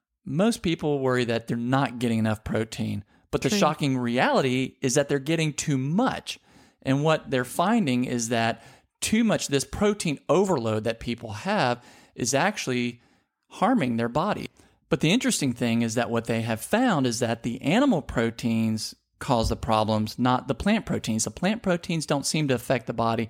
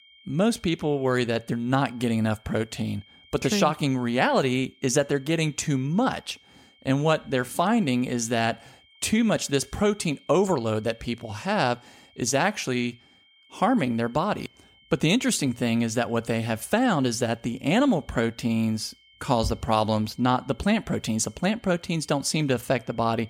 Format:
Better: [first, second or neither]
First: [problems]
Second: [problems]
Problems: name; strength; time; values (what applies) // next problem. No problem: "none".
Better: first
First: none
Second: high-pitched whine; faint; throughout; 3 kHz, 30 dB below the speech